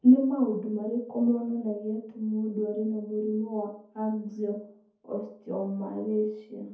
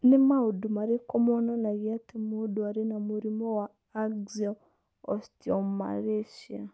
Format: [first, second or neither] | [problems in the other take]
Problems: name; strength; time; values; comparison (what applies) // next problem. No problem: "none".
second | room echo; dies away in 0.5 s